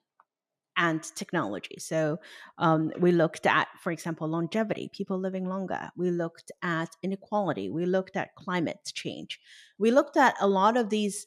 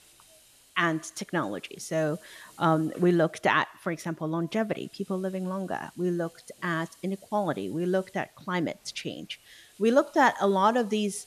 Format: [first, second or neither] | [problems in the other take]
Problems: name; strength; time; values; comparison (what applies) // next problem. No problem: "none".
first | hiss; faint; throughout; 25 dB below the speech